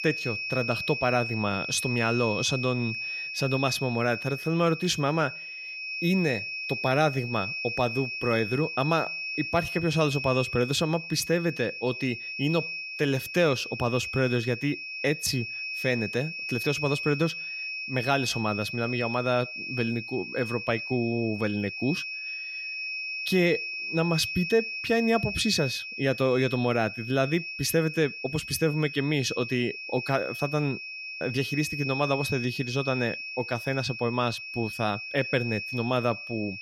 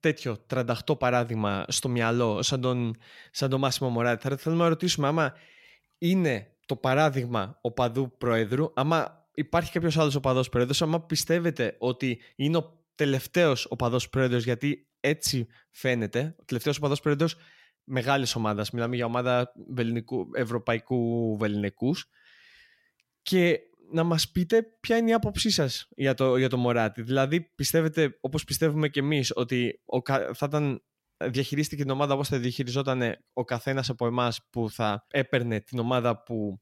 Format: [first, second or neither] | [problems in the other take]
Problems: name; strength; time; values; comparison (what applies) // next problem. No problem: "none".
second | high-pitched whine; loud; throughout; 2.5 kHz, 5 dB below the speech